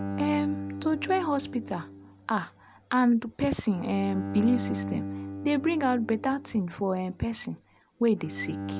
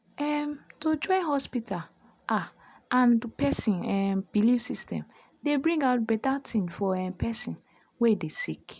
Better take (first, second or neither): second